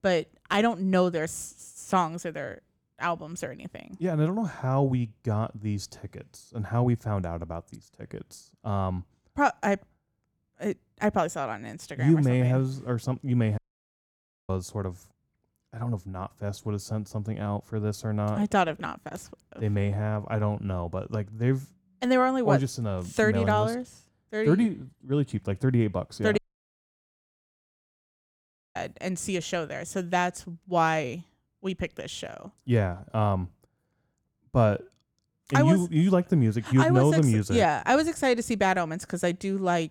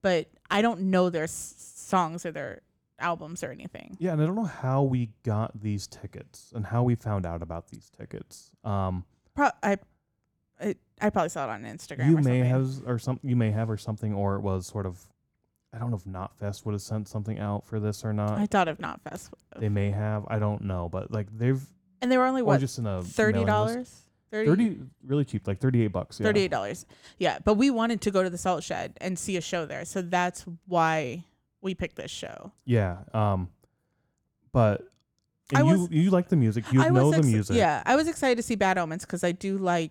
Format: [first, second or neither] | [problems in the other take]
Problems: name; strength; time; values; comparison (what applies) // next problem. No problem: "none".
second | audio cutting out; at 14 s for 1 s and at 26 s for 2.5 s